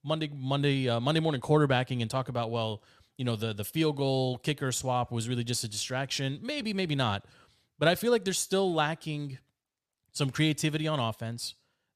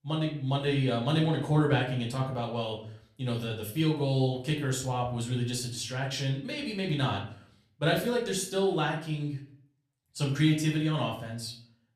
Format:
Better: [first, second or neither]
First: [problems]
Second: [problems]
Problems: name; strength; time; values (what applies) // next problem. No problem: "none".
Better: first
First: none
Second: room echo; slight; dies away in 0.4 s // off-mic speech; far